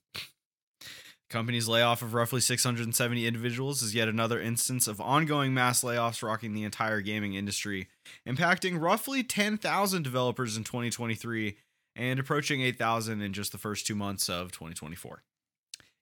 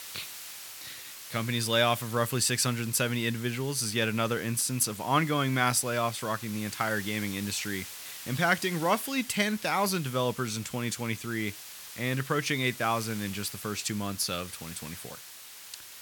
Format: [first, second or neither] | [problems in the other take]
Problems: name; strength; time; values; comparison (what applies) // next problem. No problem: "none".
first | hiss; noticeable; throughout; 15 dB below the speech